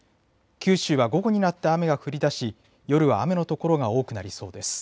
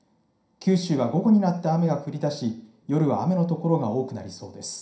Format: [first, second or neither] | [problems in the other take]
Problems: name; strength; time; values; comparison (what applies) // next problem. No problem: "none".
first | room echo; dies away in 0.5 s